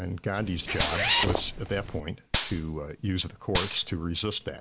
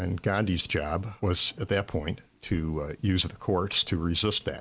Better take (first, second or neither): second